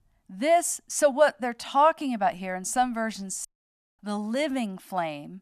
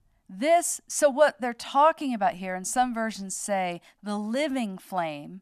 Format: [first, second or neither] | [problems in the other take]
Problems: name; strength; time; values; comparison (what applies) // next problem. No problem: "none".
second | audio cutting out; at 3.5 s for 0.5 s